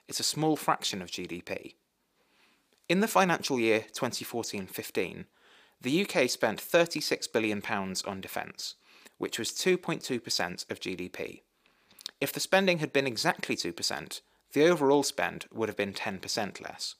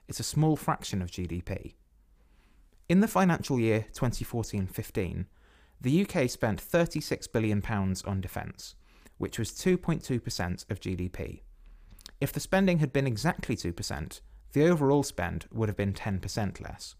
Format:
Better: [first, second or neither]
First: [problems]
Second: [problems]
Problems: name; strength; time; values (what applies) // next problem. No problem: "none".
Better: second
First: thin; somewhat; fading below 300 Hz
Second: none